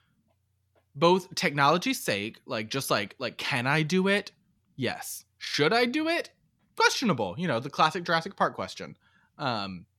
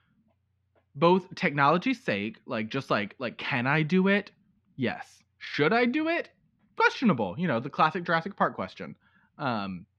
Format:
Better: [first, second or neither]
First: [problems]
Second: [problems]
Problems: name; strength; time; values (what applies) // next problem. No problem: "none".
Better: first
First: none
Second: muffled; slightly; fading above 2.5 kHz